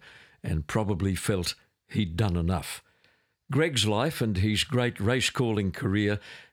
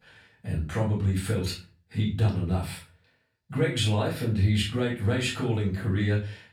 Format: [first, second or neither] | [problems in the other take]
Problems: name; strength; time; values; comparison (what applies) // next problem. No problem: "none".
first | room echo; slight; dies away in 0.3 s // off-mic speech; far